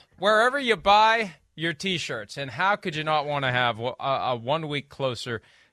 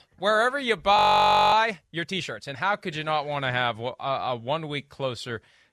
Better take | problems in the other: first | audio freezing; at 1 s for 0.5 s

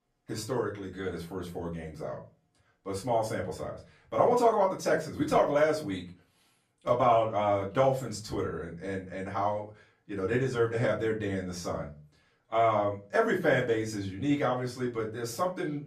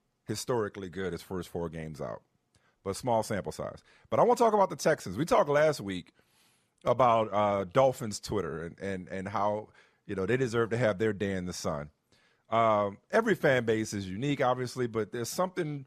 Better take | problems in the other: second | off-mic speech; far // room echo; very slight; dies away in 0.3 s

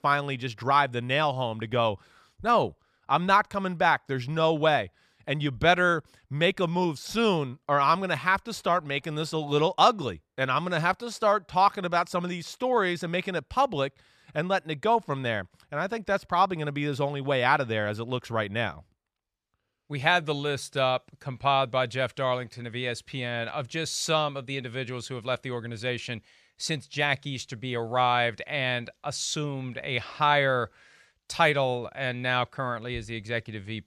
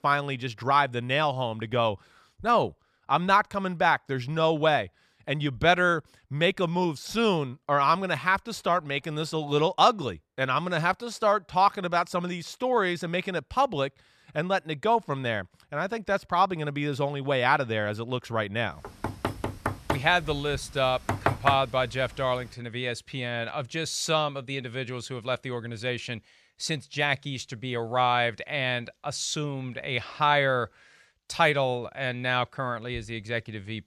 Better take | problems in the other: first | door banging; noticeable; from 19 to 22 s; peak 1 dB below the speech

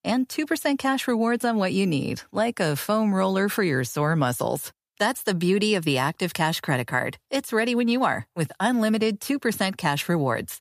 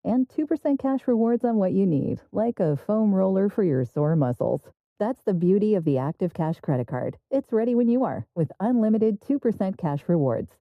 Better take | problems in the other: first | muffled; very; fading above 1 kHz

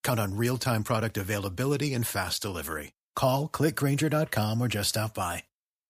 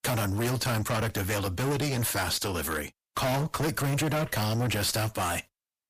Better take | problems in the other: first | distortion; heavy; 28% of the sound clipped

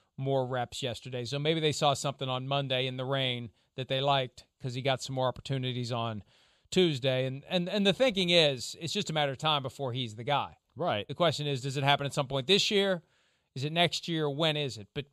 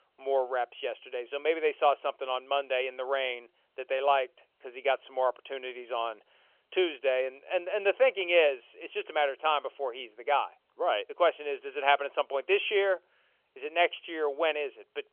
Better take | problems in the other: first | phone-call audio; nothing above 3.5 kHz

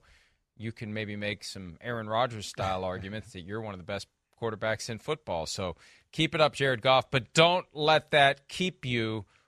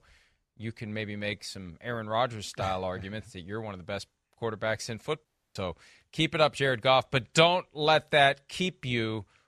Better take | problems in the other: first | audio cutting out; at 5.5 s

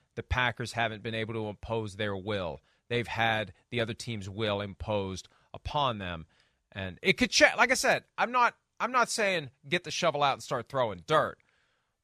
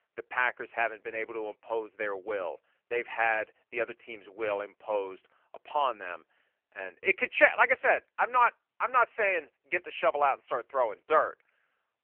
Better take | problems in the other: first | phone-call audio; poor line

